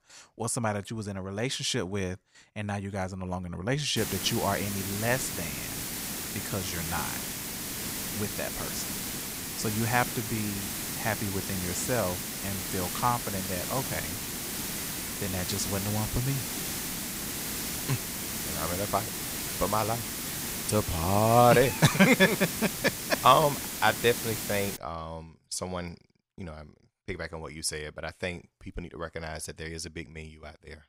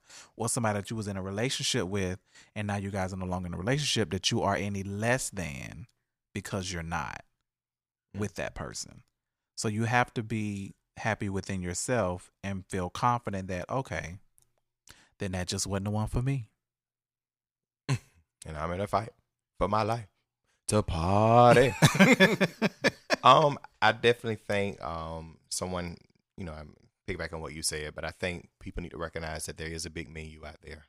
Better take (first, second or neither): second